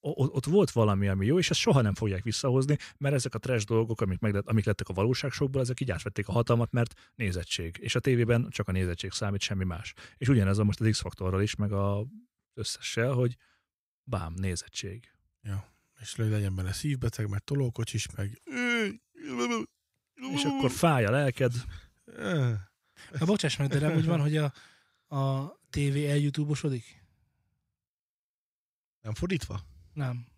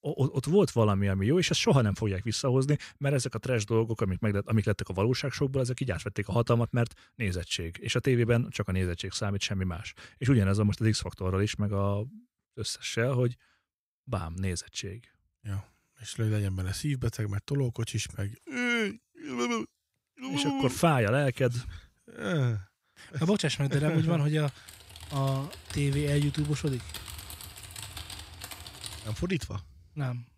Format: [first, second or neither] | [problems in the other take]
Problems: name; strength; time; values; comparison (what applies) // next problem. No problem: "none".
first | keyboard typing; faint; from 24 to 29 s; peak 10 dB below the speech